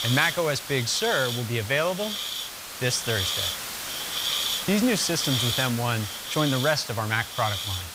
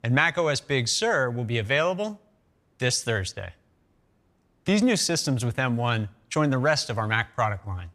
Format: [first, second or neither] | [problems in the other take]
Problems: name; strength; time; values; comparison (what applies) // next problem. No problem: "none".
second | hiss; loud; throughout; 3 dB below the speech